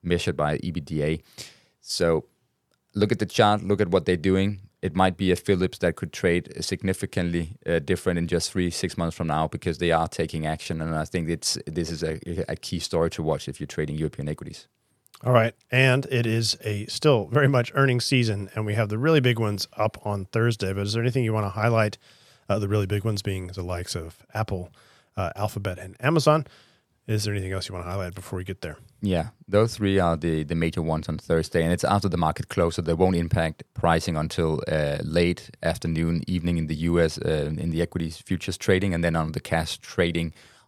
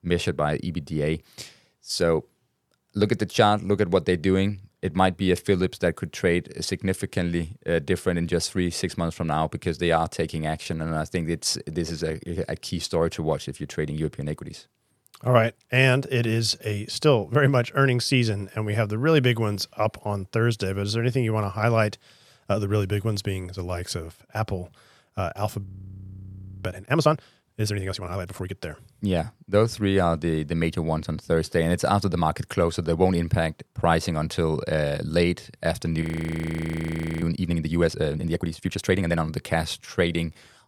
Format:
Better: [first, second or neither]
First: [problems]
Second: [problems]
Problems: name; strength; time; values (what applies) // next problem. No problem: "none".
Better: first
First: none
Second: audio freezing; at 26 s for 1 s and at 36 s for 1 s